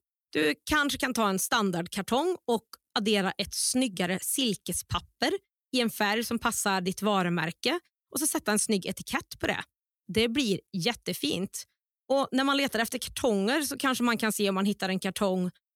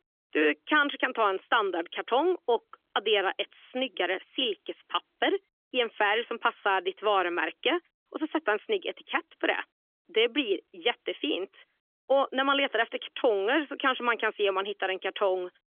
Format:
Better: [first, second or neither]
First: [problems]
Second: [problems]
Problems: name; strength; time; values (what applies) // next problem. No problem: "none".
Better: first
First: none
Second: phone-call audio; nothing above 3.5 kHz